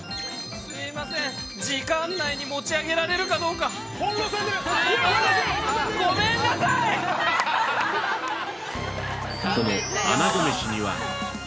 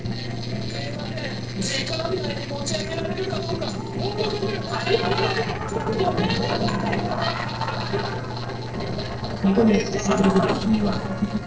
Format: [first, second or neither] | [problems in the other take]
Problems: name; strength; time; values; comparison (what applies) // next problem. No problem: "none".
first | noise reduction (neural separator model SepFormer DNS4)